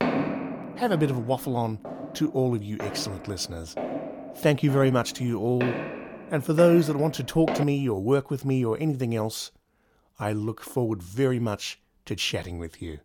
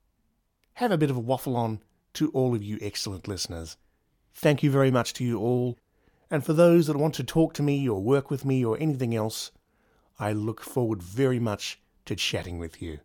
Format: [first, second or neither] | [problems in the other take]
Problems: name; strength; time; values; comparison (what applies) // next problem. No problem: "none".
second | footsteps; loud; until 7.5 s; peak level with the speech